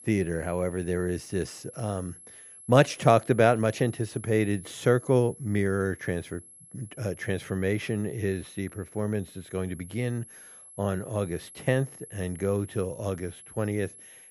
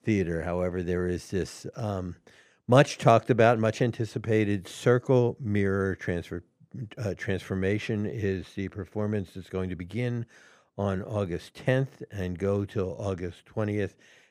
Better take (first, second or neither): second